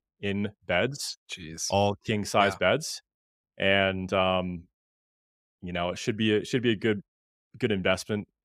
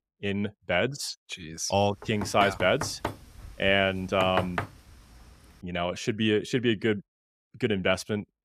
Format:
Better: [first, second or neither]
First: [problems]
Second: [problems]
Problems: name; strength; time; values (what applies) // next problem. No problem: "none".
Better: first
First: none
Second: door banging; noticeable; from 2 to 4.5 s; peak 4 dB below the speech